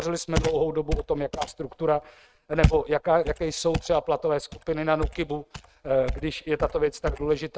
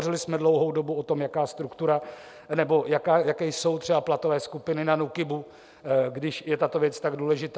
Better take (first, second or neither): second